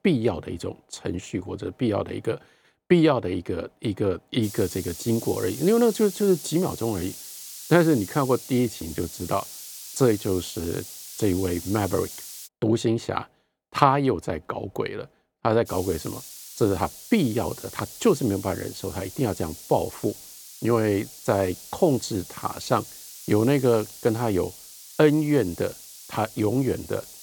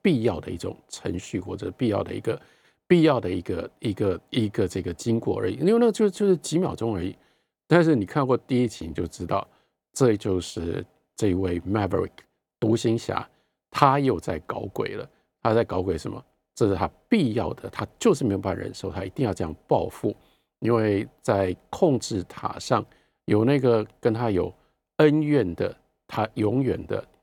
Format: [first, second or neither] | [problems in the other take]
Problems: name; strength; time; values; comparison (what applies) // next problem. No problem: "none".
second | hiss; noticeable; from 4.5 to 12 s and from 16 s on; 15 dB below the speech